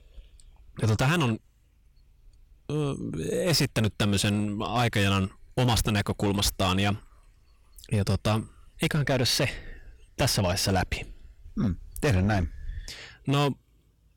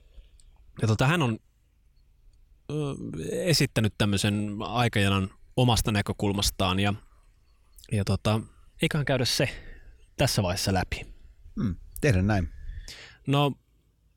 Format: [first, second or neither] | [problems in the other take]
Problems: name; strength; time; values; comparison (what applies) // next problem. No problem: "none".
second | distortion; slight; 9% of the sound clipped